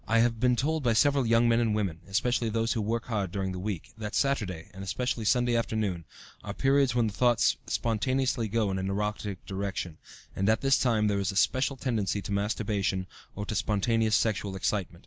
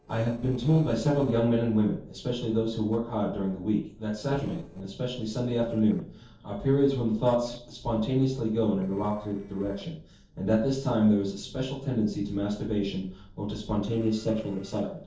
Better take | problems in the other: first | noise reduction (neural separator model SepFormer DNS4)

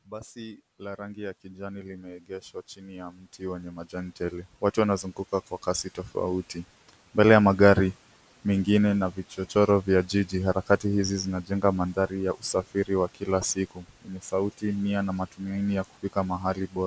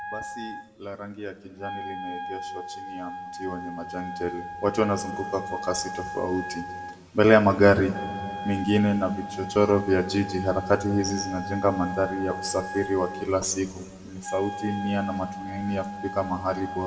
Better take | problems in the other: first | background sound (Wind instrument, woodwind instrument); 10 dB below the speech // room echo; dies away in 1.6 s

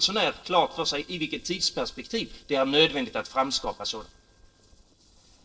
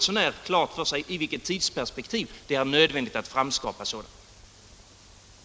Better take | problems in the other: second | noise reduction (neural separator model SepFormer DNS4)

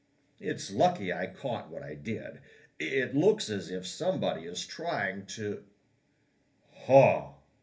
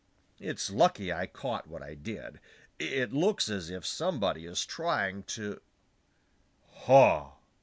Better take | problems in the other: second | room echo; dies away in 0.3 s

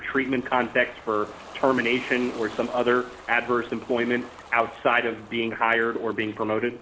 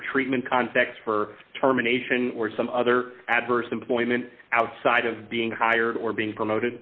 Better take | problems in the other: second | background sound (Ocean); 19 dB below the speech

